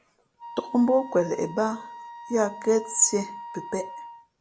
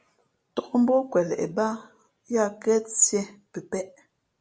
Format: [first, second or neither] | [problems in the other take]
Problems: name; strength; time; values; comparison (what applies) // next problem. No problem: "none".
second | background sound (Wind instrument, woodwind instrument); 14 dB below the speech